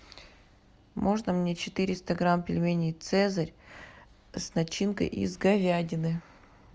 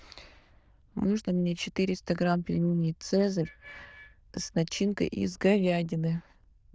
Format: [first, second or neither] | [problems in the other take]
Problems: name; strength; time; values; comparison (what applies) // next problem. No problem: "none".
first | noise reduction (neural diffusion model UNIVERSE++)